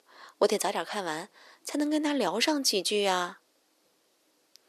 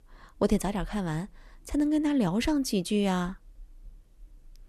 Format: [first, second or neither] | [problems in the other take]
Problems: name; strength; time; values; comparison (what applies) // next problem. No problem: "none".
second | thin; somewhat; fading below 400 Hz